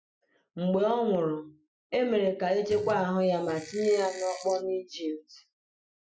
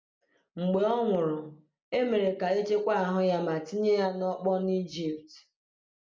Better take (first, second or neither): second